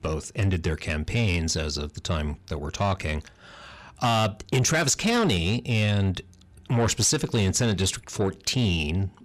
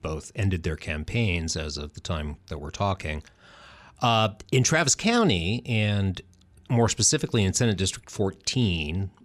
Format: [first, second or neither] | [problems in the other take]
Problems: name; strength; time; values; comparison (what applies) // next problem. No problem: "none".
second | distortion; slight; 10 dB below the speech